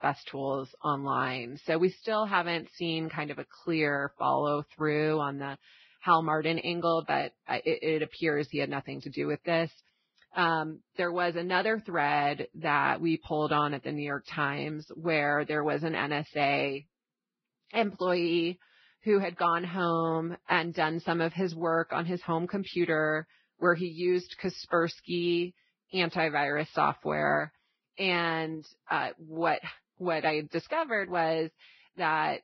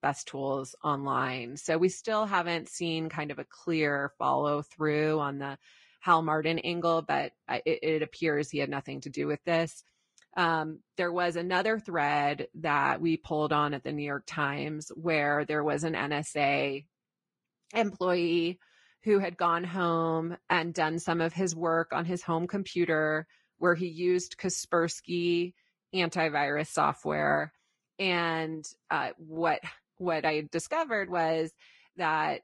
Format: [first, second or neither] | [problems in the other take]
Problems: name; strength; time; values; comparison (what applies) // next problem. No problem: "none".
second | garbled, watery; badly; slightly in the second